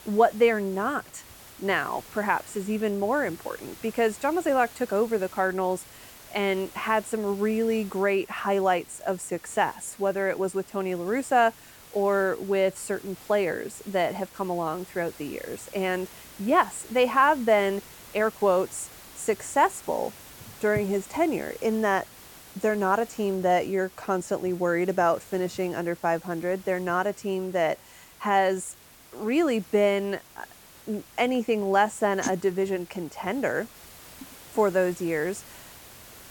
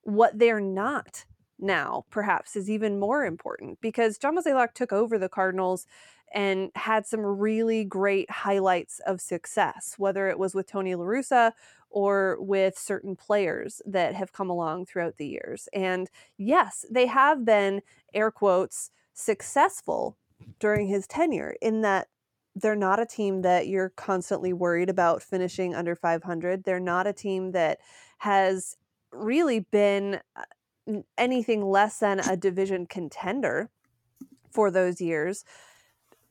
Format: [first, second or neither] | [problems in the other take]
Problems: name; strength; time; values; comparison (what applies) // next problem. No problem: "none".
second | hiss; noticeable; throughout; 20 dB below the speech